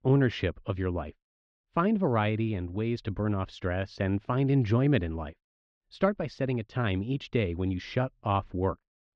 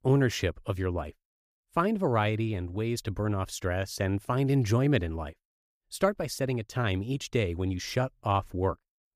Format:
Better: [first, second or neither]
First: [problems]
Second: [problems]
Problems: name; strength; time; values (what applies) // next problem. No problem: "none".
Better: second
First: muffled; slightly; fading above 4 kHz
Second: none